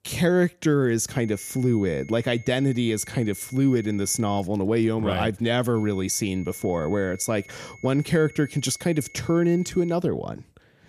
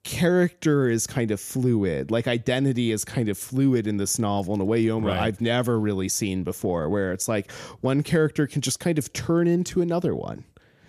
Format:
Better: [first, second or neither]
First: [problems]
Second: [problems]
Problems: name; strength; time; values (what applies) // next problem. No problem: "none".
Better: second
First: high-pitched whine; faint; from 1 to 4.5 s and from 6 to 10 s; 2 kHz, 20 dB below the speech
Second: none